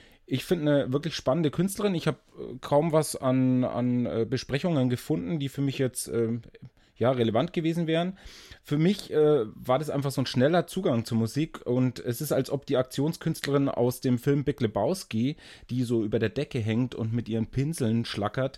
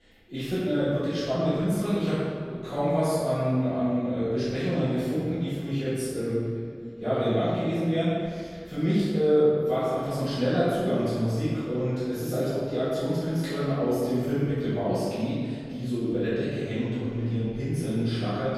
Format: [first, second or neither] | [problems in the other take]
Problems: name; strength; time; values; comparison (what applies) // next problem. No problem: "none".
first | room echo; strong; dies away in 1.8 s // off-mic speech; far